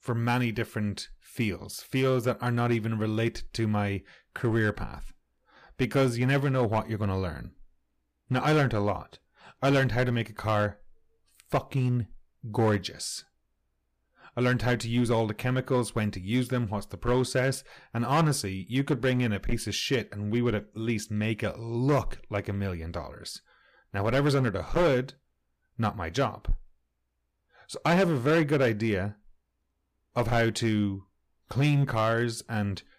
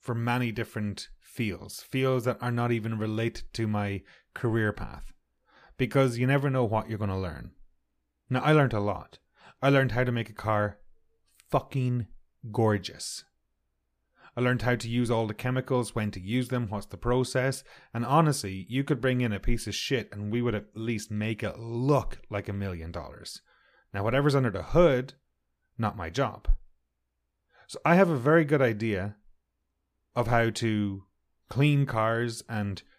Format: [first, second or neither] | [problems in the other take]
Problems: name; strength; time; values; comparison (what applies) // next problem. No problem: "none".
second | distortion; slight; 5% of the sound clipped